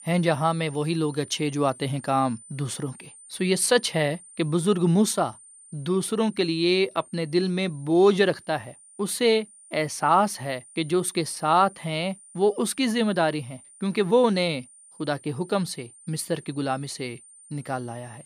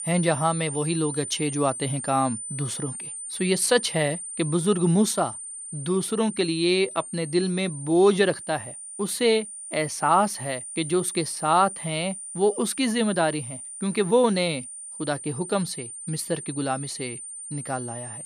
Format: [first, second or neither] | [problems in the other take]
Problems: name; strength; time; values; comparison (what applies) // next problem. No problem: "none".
first | high-pitched whine; loud; throughout; 9 kHz, 9 dB below the speech; faint in the first